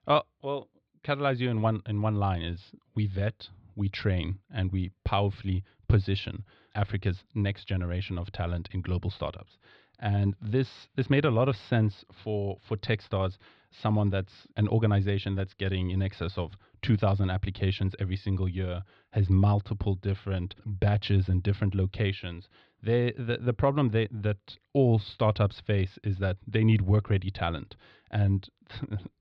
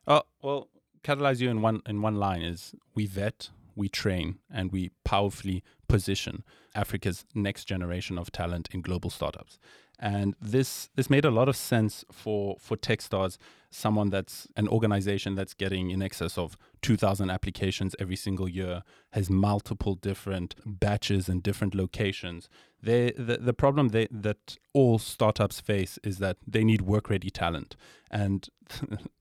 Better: second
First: muffled; very slightly; fading above 4 kHz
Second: none

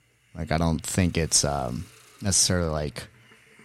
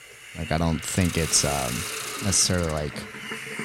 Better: first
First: hiss; faint; throughout; 30 dB below the speech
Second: hiss; loud; throughout; 8 dB below the speech

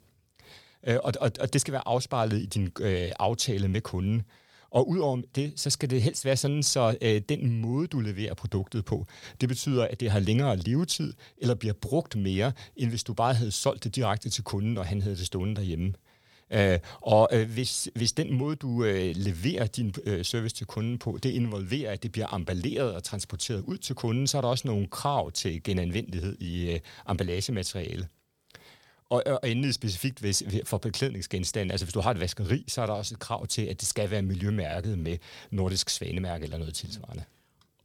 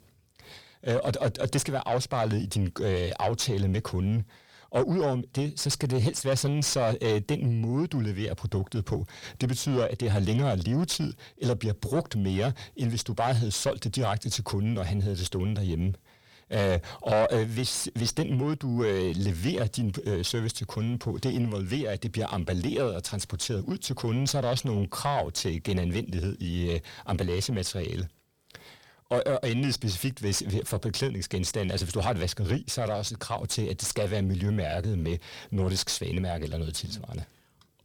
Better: first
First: none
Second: distortion; slight; 9 dB below the speech

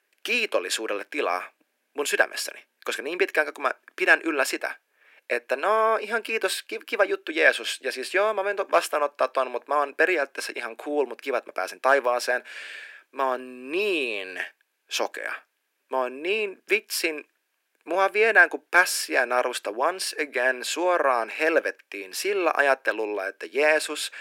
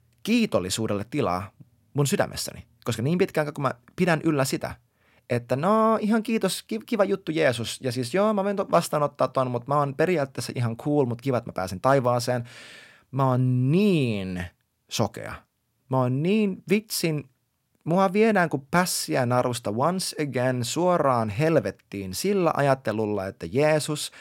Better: second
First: thin; very; fading below 350 Hz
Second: none

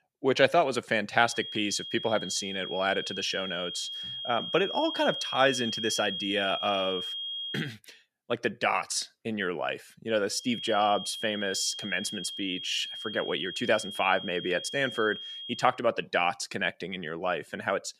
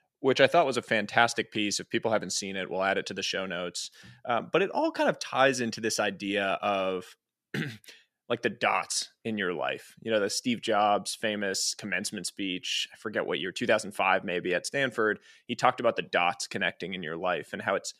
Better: second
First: high-pitched whine; loud; from 1.5 to 7.5 s and from 10 to 16 s; 3 kHz, 6 dB below the speech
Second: none

